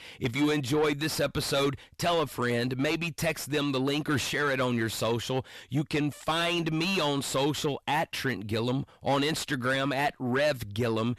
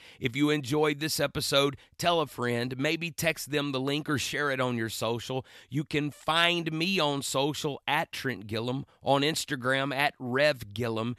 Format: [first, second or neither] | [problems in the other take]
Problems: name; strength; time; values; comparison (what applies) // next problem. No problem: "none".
second | distortion; heavy; 7 dB below the speech